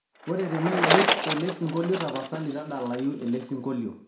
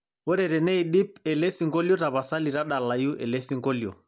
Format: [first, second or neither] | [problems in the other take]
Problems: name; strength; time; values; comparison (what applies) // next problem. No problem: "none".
second | background sound (Bicycle); 1 dB below the speech // room echo; dies away in 0.4 s